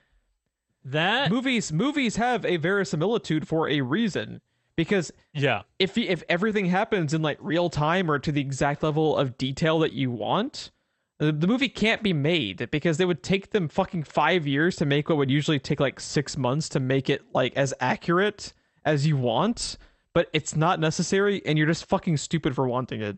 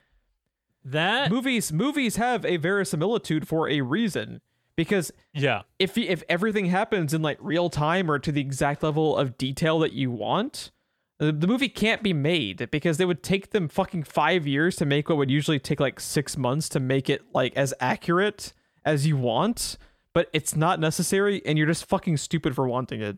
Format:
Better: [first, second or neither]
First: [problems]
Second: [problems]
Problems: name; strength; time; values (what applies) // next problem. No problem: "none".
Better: second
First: garbled, watery; slightly; nothing above 8 kHz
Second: none